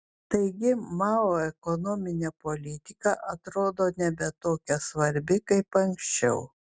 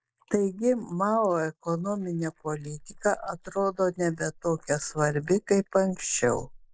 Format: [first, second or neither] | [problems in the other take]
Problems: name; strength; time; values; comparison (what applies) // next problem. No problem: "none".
first | noise reduction (neural mask model Resemble Enhance denoiser)